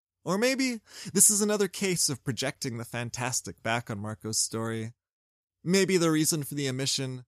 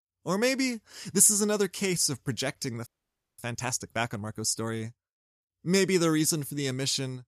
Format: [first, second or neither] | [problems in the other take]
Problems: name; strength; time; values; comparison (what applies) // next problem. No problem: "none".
first | audio freezing; at 3 s for 0.5 s